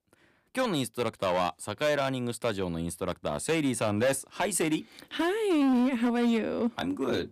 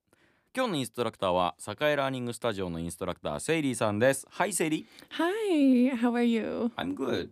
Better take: second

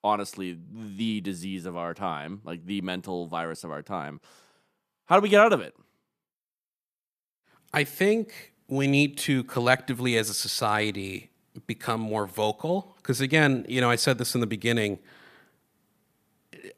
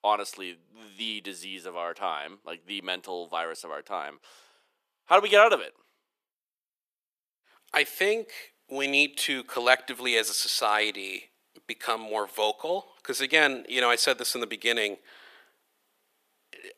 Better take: first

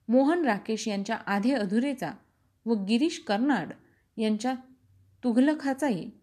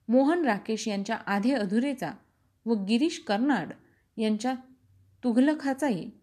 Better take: neither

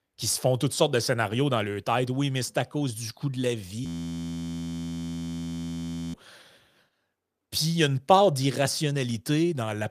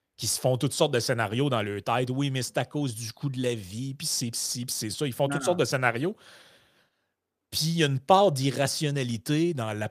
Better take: second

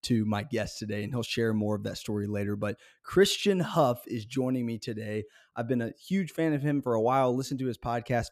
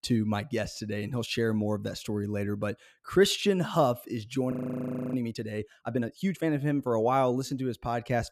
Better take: first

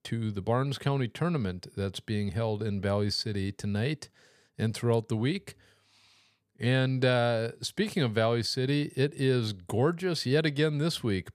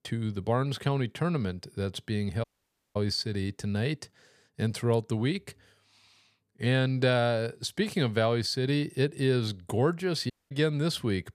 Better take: first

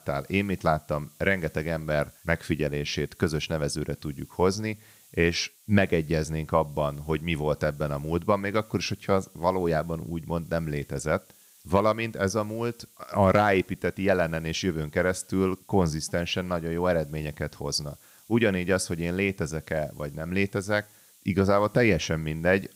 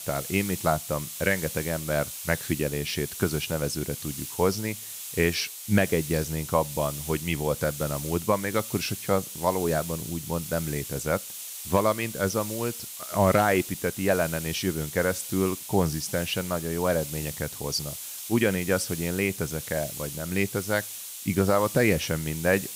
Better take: first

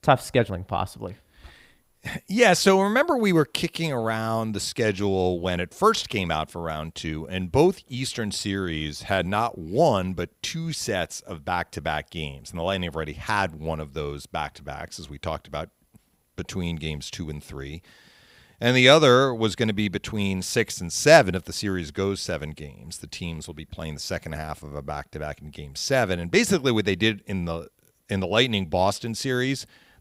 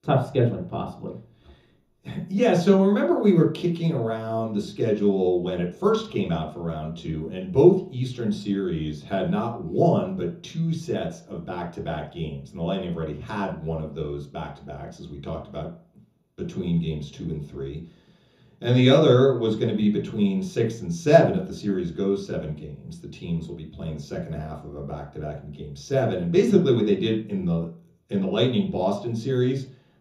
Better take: first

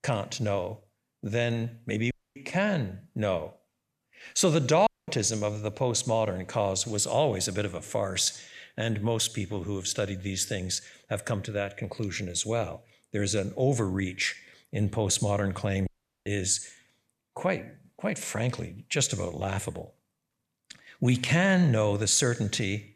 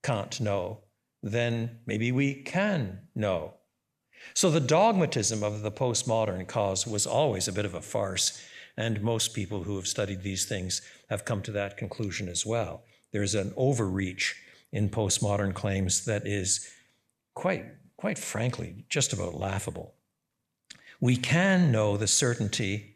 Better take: second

